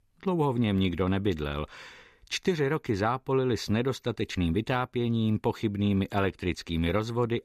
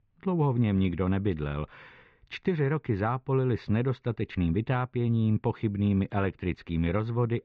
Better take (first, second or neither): first